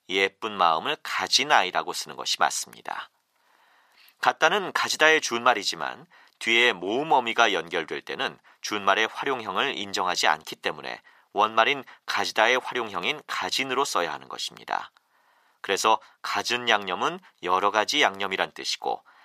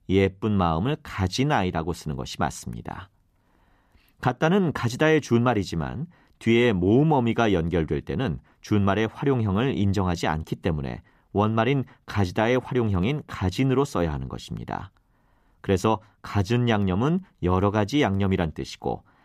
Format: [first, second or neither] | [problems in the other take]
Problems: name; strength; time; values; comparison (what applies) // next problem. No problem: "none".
second | thin; very; fading below 800 Hz